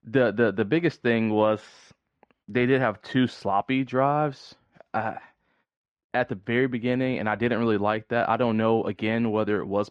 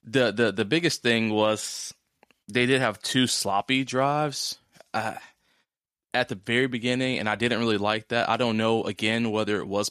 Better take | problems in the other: second | muffled; very; fading above 1.5 kHz

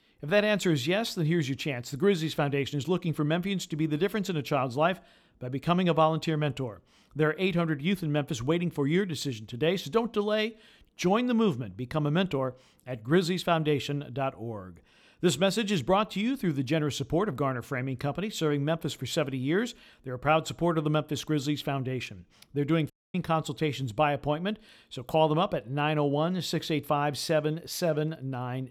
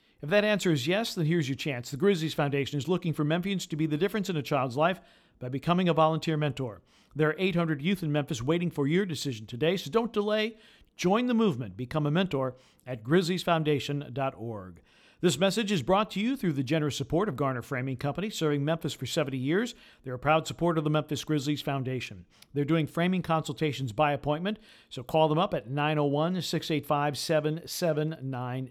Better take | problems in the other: second | audio cutting out; at 23 s

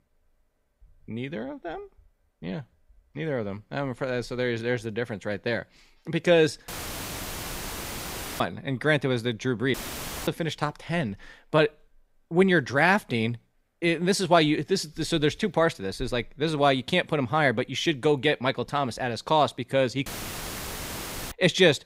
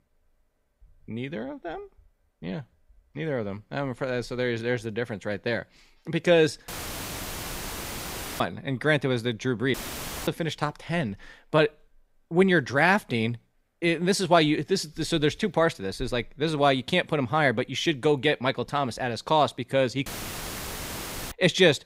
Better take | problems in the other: neither | audio cutting out; filled with static; at 6.5 s for 1.5 s, at 9.5 s for 0.5 s and at 20 s for 1.5 s; the same in both

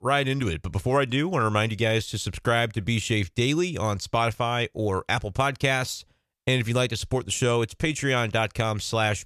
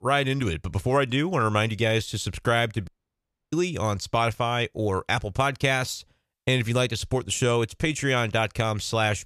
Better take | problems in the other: first | audio cutting out; at 3 s for 0.5 s

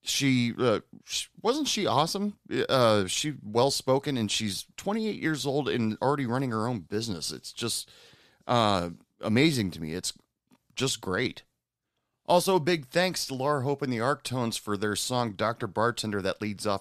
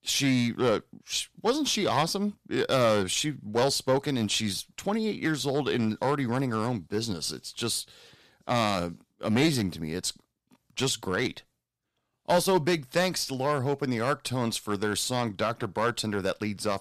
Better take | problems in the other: first | distortion; slight; 3% of the sound clipped

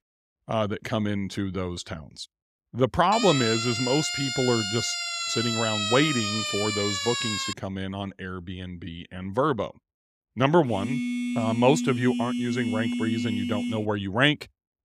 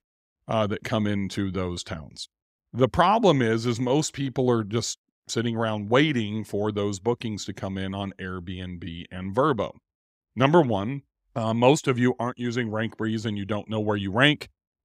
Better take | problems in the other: second | siren; loud; from 3 to 7.5 s; peak 1 dB above the speech // phone ringing; noticeable; from 11 to 14 s; peak 2 dB below the speech

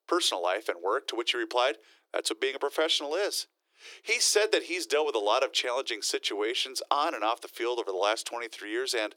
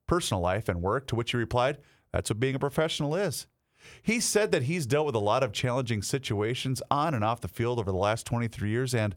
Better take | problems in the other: second | thin; very; fading below 300 Hz

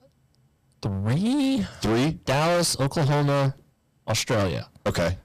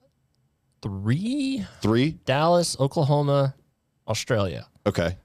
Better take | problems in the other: second | distortion; heavy; 23% of the sound clipped

